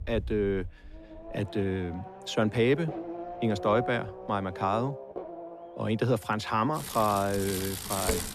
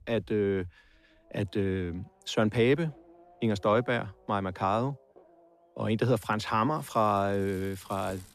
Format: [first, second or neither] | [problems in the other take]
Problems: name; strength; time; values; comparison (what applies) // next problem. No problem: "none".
second | traffic noise; loud; throughout; 9 dB below the speech; faint in the second